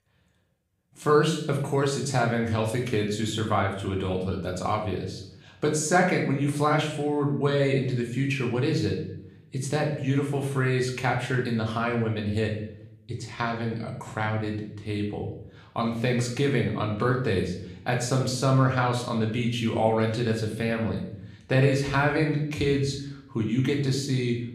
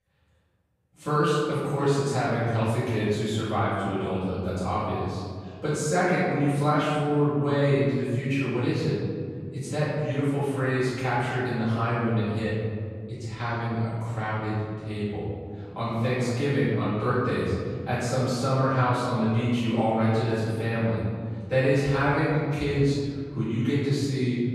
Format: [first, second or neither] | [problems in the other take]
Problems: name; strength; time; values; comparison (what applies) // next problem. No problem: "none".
first | room echo; strong; dies away in 2.1 s; slight in the first // off-mic speech; far; somewhat distant in the first